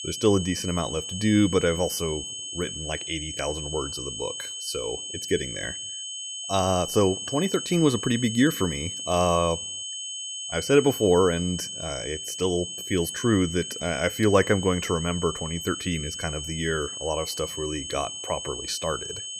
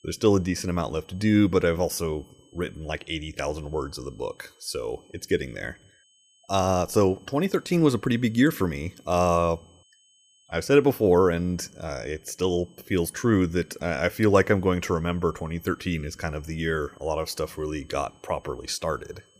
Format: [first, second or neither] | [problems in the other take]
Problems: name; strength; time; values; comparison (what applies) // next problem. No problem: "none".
second | high-pitched whine; loud; throughout; 3 kHz, 6 dB below the speech; faint in the second